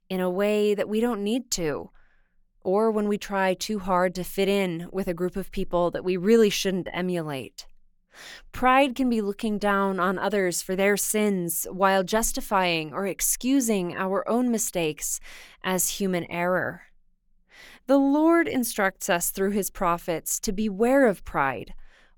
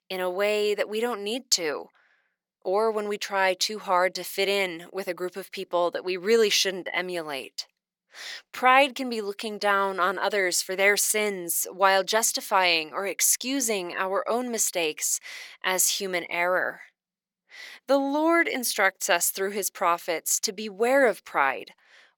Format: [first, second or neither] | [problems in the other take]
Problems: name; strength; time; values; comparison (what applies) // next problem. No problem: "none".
first | thin; somewhat; fading below 450 Hz